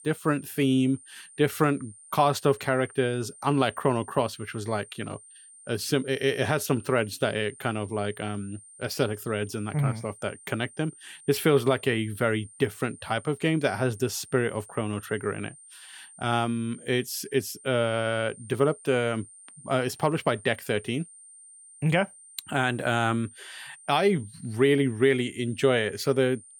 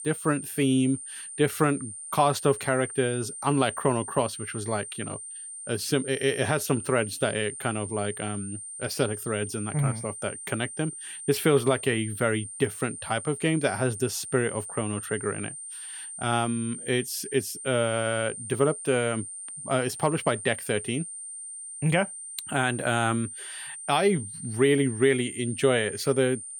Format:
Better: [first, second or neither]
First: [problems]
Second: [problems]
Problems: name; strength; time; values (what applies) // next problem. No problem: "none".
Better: first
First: high-pitched whine; faint; throughout; 9 kHz, 20 dB below the speech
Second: high-pitched whine; loud; throughout; 9 kHz, 9 dB below the speech